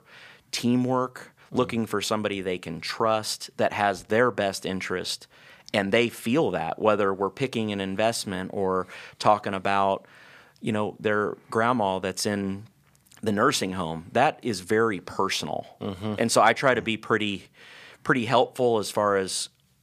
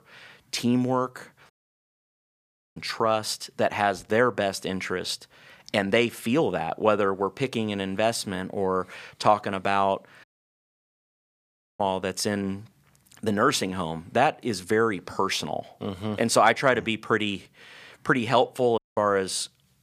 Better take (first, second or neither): first